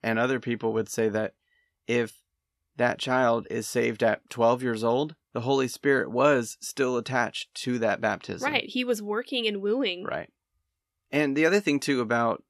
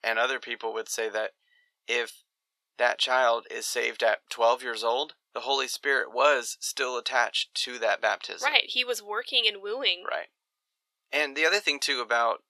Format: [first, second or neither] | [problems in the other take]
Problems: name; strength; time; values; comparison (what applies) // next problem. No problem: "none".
first | thin; very; fading below 600 Hz